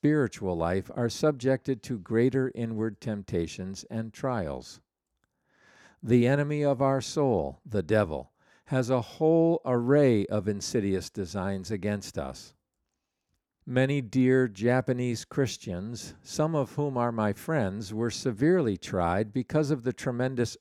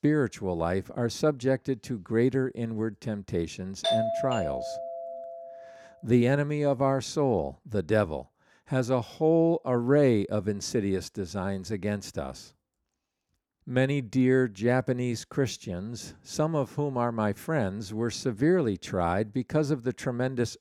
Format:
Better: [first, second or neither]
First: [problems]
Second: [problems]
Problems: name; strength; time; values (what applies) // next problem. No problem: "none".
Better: first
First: none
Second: doorbell; loud; from 4 to 5.5 s; peak 1 dB above the speech